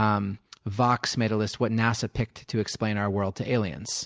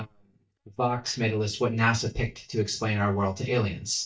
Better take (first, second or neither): first